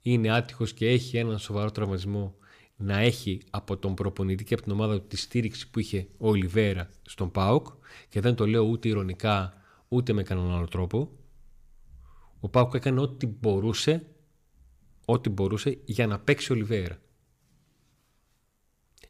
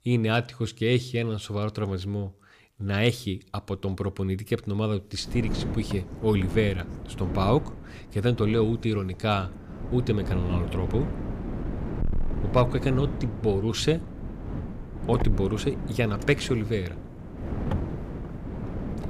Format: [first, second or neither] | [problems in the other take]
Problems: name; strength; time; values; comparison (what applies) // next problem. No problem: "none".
first | wind noise on the microphone; occasional gusts; from 5.5 s on; 10 dB below the speech